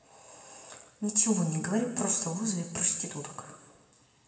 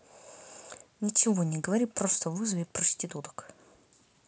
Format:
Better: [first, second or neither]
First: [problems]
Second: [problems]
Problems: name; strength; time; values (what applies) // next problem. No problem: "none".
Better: second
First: room echo; dies away in 1.4 s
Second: none